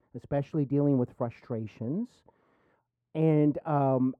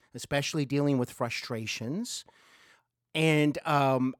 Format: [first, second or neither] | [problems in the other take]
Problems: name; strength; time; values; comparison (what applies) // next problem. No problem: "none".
second | muffled; very; fading above 2 kHz